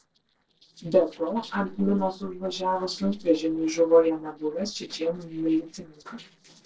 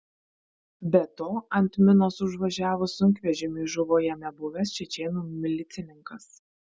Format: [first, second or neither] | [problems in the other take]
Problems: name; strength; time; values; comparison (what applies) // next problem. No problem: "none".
second | noise reduction (neural separator model SepFormer DNS4)